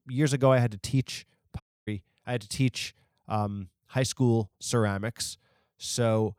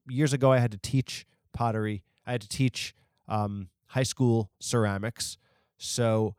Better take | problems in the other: second | audio cutting out; at 1.5 s

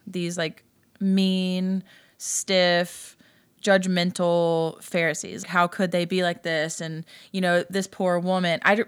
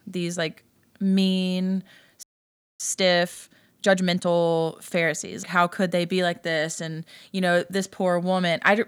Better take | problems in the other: first | audio freezing; at 2 s for 0.5 s

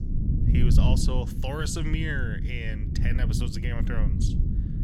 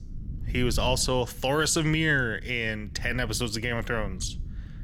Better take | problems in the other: second | low rumble; loud; throughout; 4 dB below the speech; faint in the second

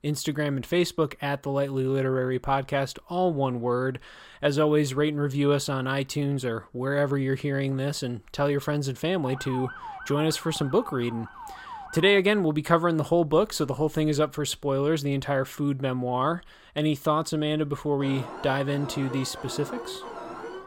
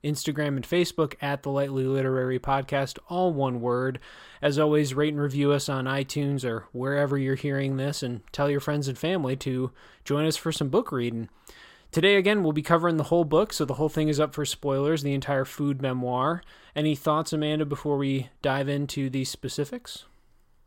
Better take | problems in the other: second | siren; faint; from 9 to 12 s; peak 10 dB below the speech // alarm; faint; from 18 s on; peak 10 dB below the speech

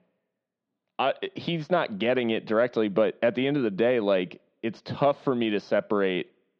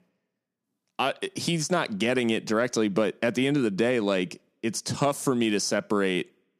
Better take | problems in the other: second | muffled; very; fading above 4 kHz

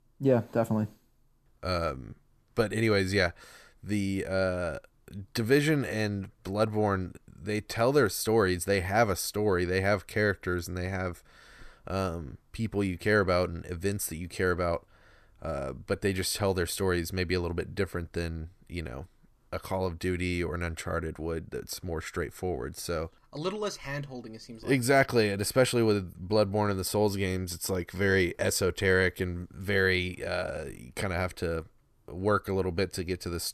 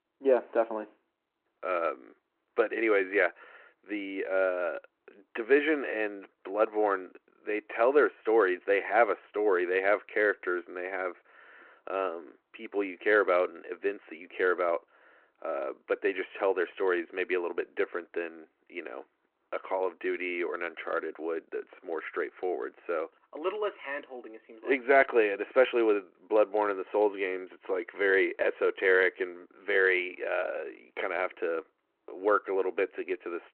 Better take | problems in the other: first | phone-call audio

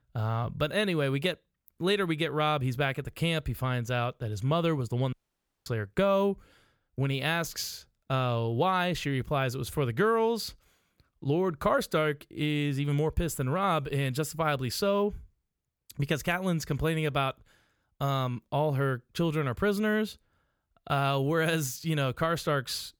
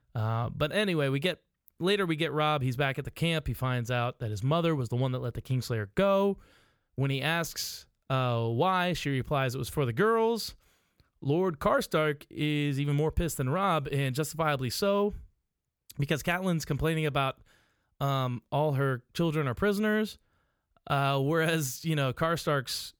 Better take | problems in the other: second | audio cutting out; at 5 s for 0.5 s

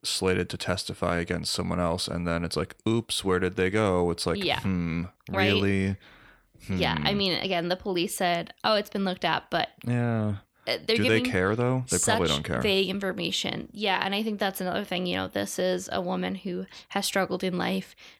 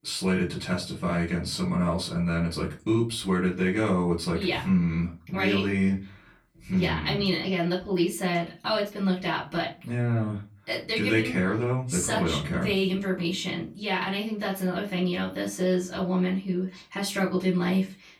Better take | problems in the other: first | off-mic speech; far // room echo; very slight; dies away in 0.3 s

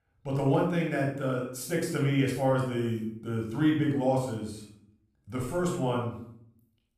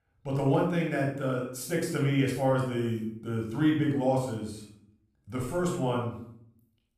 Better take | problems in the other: neither | off-mic speech; somewhat distant; the same in both // room echo; noticeable; dies away in 0.6 s; the same in both

